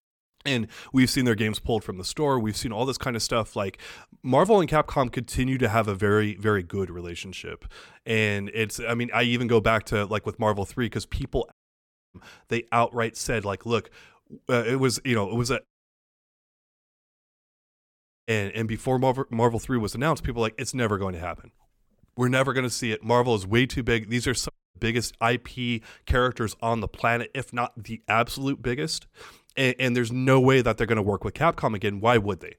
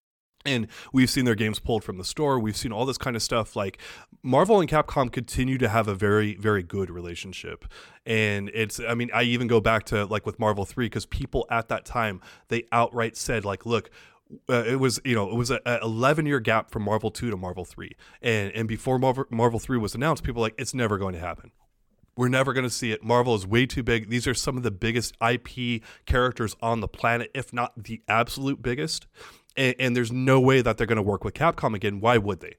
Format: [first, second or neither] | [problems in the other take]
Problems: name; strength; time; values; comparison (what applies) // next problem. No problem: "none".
second | audio cutting out; at 12 s for 0.5 s, at 16 s for 2.5 s and at 25 s